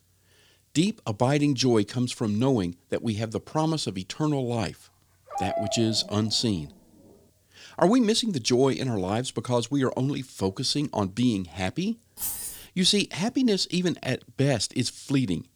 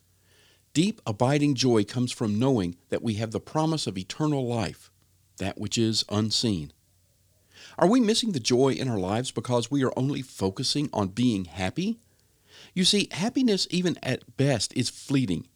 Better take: second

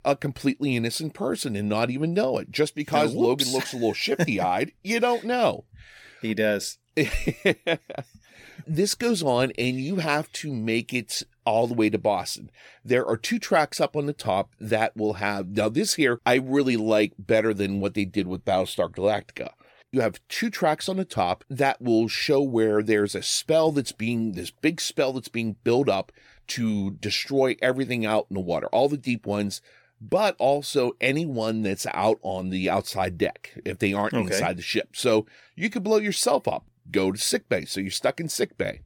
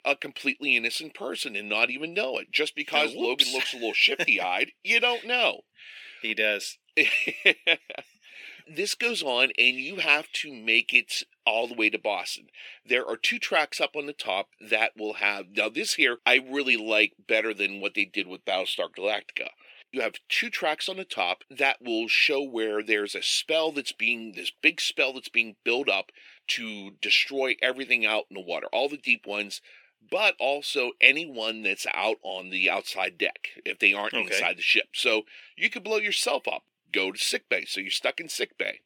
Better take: first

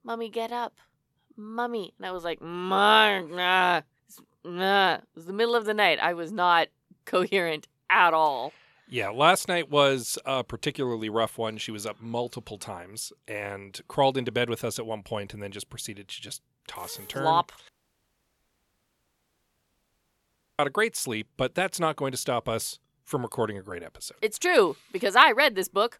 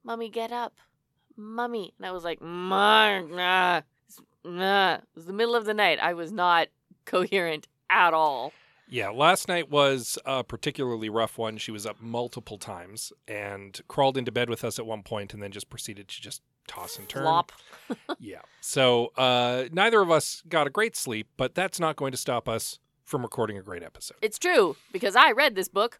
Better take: second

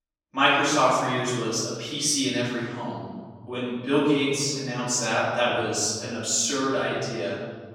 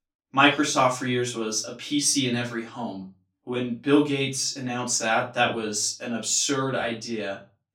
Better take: second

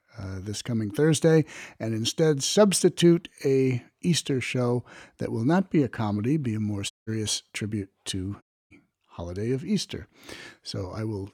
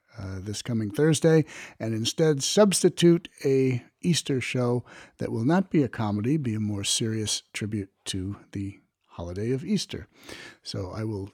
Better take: second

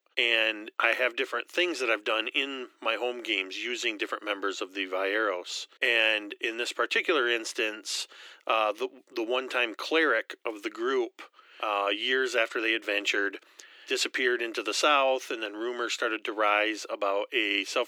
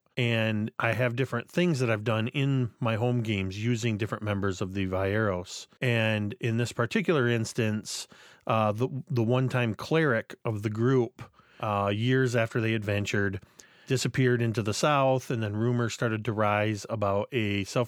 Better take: second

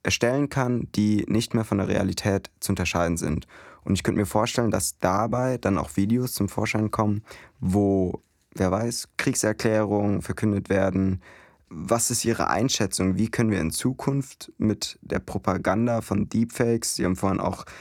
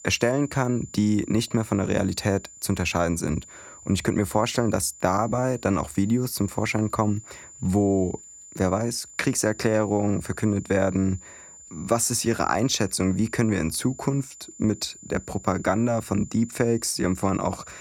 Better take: first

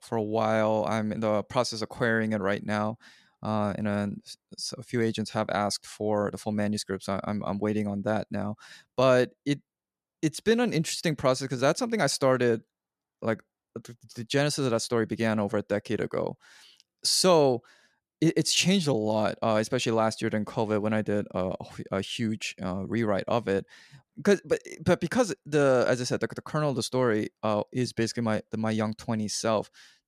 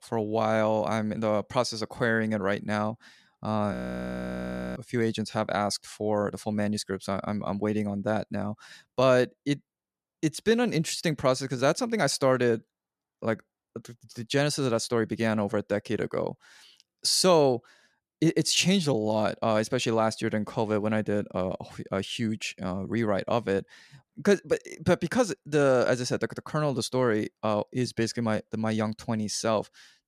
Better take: first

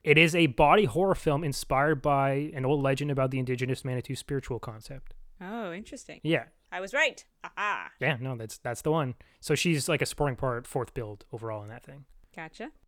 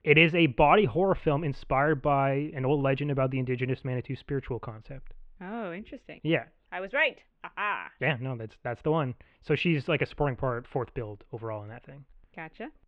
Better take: first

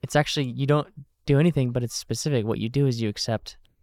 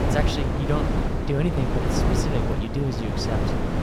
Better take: first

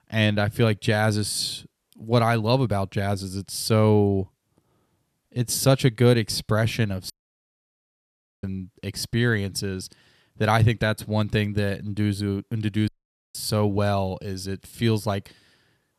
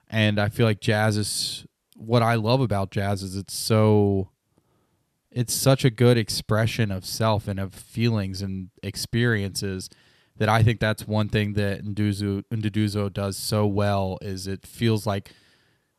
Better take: second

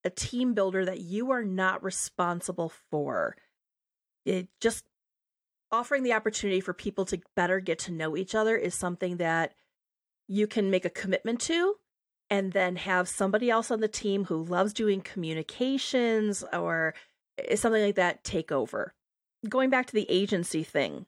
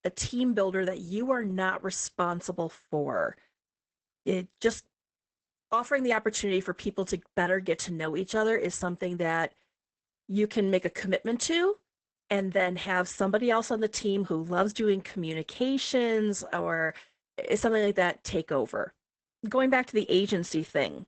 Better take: first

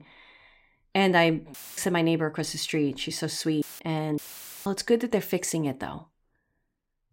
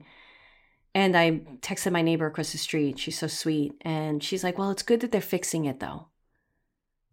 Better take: second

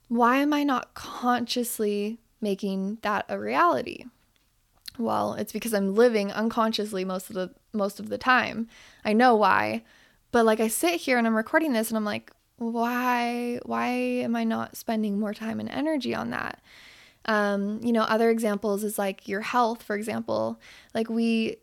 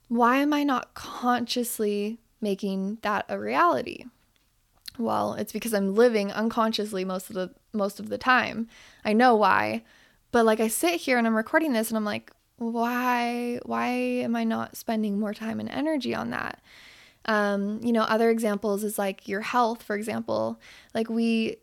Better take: neither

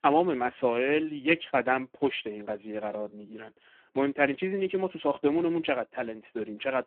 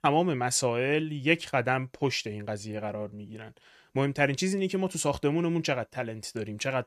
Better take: second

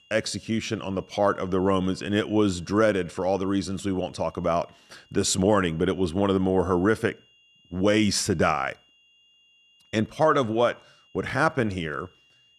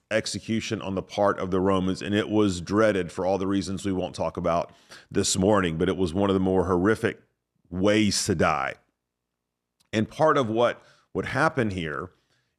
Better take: second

